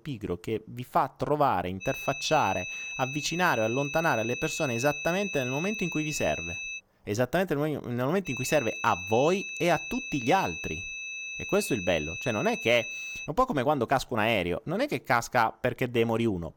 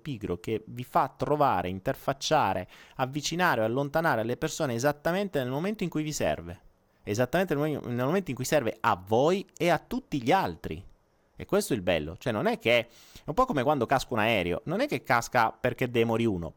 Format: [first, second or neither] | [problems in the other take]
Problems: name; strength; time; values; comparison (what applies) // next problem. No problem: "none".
second | high-pitched whine; loud; from 2 to 7 s and from 8.5 to 13 s; 2.5 kHz, 6 dB below the speech